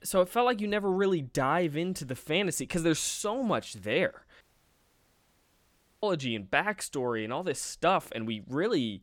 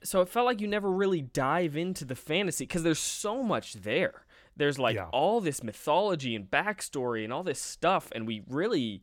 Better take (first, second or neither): second